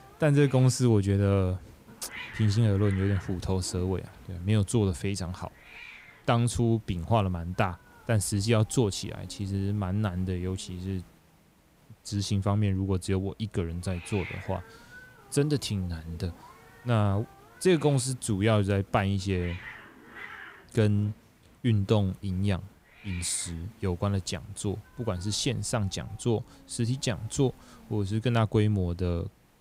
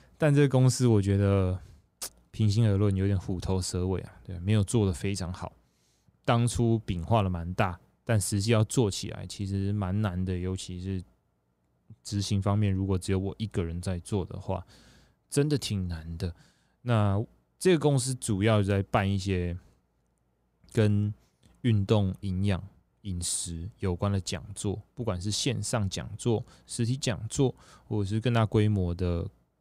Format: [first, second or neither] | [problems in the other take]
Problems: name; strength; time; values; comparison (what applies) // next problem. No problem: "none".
second | hiss; faint; throughout; 20 dB below the speech